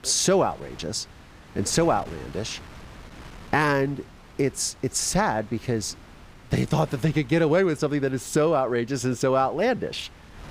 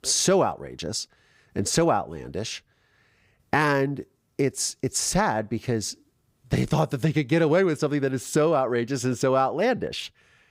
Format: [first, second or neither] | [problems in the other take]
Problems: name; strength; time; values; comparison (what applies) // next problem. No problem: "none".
second | wind noise on the microphone; occasional gusts; 20 dB below the speech